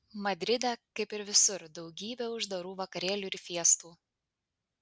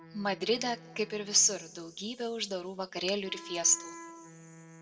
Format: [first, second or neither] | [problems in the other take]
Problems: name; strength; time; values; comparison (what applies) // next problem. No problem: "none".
first | background sound (Wind instrument, woodwind instrument); 19 dB below the speech // room echo; dies away in 1.4 s